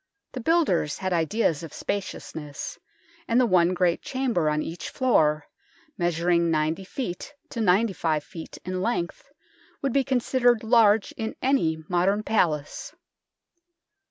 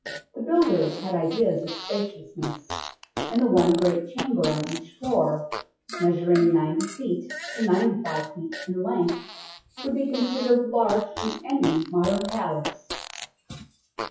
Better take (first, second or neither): first